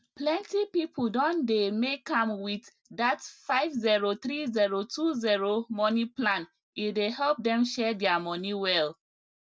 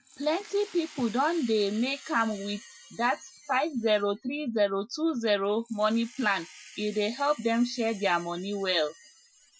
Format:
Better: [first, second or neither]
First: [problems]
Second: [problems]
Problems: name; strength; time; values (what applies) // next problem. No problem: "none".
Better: first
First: none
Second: noise reduction (classical method Wiener filter)